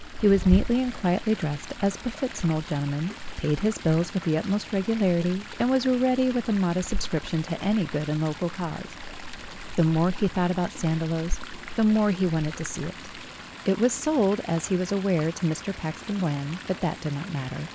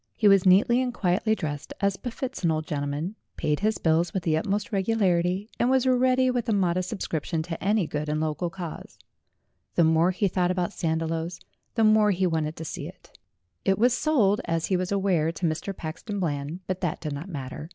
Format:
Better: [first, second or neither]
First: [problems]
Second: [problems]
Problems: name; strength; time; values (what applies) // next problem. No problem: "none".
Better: second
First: background sound (Chatter / Stream); 10 dB below the speech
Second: none